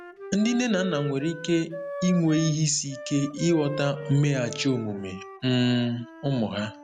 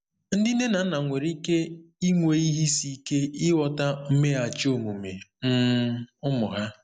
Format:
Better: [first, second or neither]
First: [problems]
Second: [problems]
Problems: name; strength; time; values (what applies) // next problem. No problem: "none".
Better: second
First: background sound (Wind instrument, woodwind instrument); 13 dB below the speech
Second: none